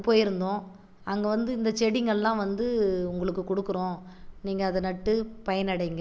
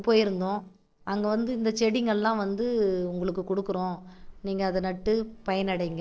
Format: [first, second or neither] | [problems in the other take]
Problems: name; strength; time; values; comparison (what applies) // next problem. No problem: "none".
first | noise reduction (neural separator model SepFormer DNS4)